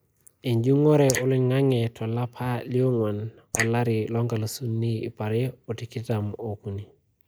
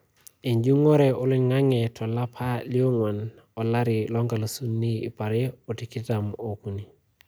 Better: second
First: noise reduction (neural mask model Resemble Enhance denoiser)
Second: none

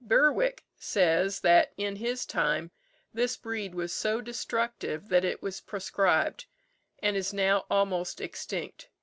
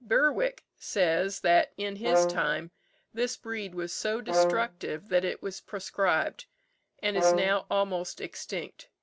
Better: first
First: none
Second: background sound (Brass instrument); 1 dB below the speech

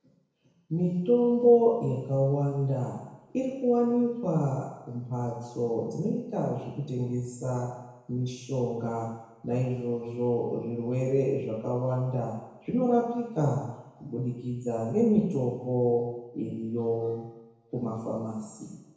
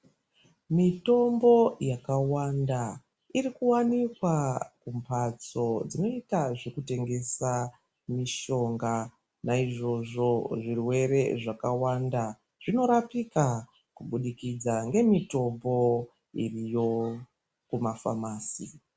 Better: second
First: room echo; dies away in 1 s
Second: none

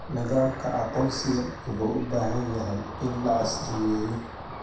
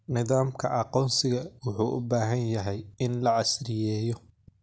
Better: second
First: background sound (Ocean); 8 dB below the speech // room echo; dies away in 0.7 s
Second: none

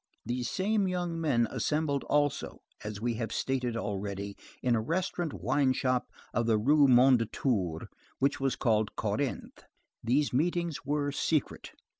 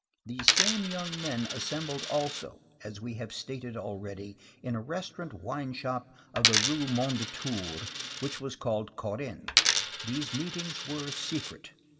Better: first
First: none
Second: background sound (Coin (dropping)); 3 dB above the speech // room echo; dies away in 1.6 s

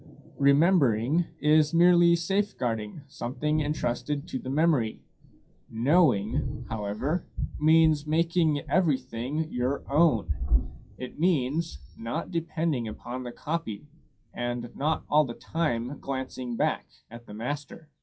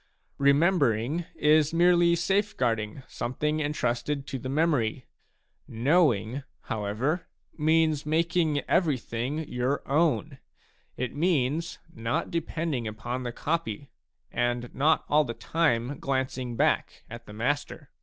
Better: second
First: noise reduction (classical method WPE with log-MMSE)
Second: none

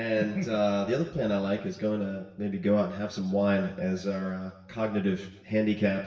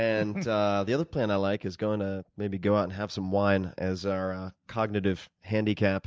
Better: second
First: room echo; dies away in 0.9 s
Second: none

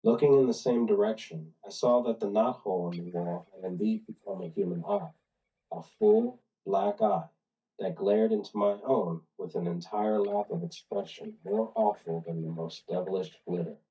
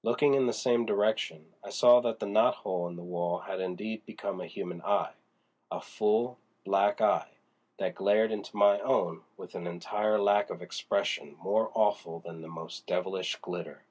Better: second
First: noise reduction (neural mask model DeepFilterNet 3)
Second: none

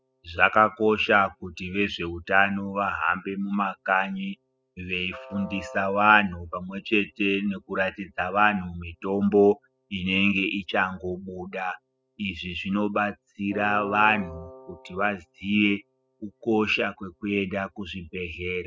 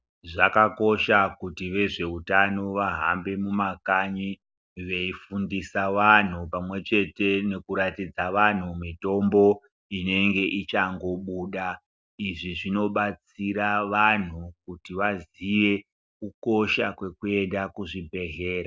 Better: second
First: noise reduction (classical method spectral subtraction)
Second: none

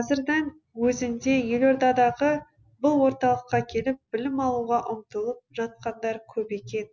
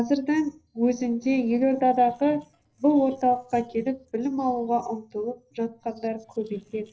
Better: first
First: none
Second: noise reduction (neural separator model SepFormer DNS4)

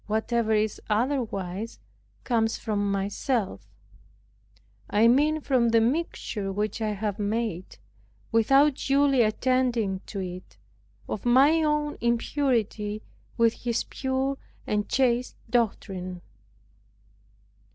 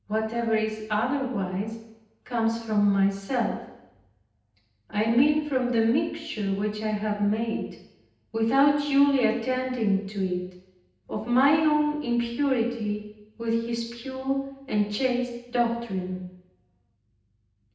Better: first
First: none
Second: room echo; dies away in 0.9 s

